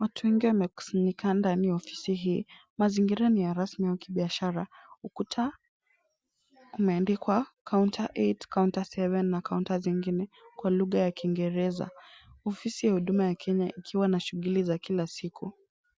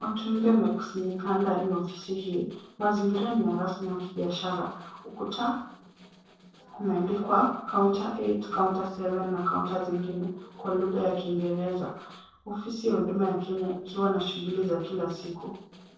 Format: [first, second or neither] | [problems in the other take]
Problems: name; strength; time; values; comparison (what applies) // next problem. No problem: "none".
first | noise reduction (neural separator model SepFormer DNS4)